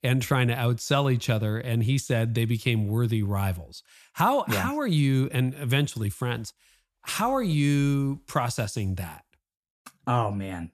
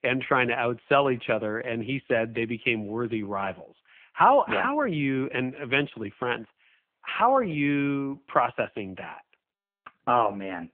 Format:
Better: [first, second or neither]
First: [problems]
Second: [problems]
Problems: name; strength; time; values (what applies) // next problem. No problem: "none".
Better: first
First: none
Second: phone-call audio